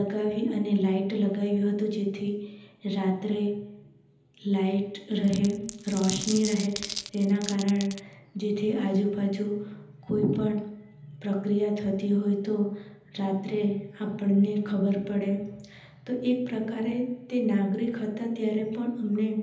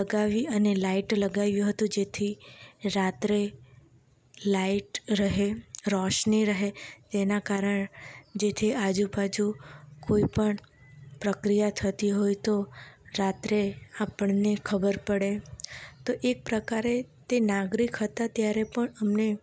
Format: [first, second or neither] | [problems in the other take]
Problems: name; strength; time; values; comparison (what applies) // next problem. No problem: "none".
second | background sound (Glass); 11 dB below the speech // room echo; dies away in 0.9 s